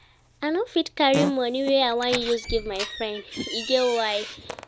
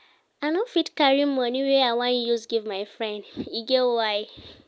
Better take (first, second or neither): second